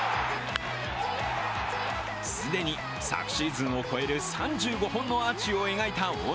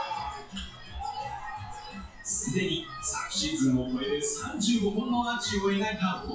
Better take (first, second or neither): first